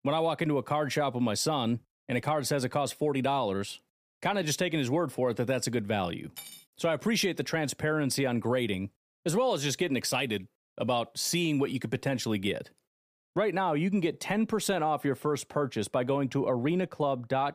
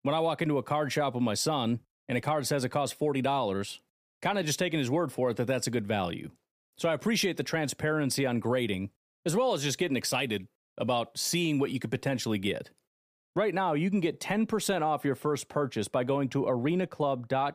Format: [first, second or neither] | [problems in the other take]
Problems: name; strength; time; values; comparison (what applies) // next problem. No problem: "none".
second | clattering dishes; faint; at 6.5 s; peak 15 dB below the speech